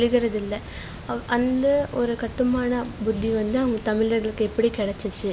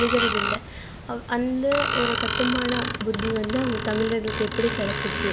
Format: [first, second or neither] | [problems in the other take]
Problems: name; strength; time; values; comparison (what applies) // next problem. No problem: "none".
first | background sound (Screech); 2 dB below the speech